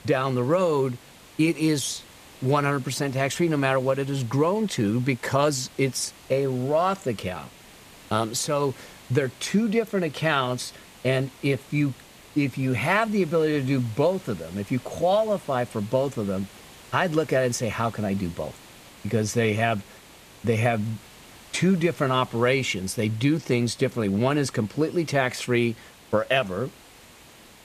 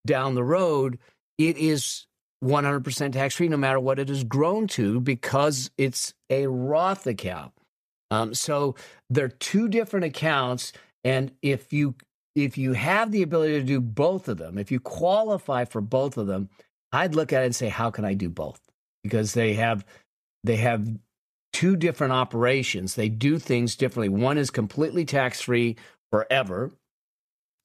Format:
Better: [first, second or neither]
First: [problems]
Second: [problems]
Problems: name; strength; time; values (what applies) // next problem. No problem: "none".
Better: second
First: hiss; faint; throughout; 20 dB below the speech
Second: none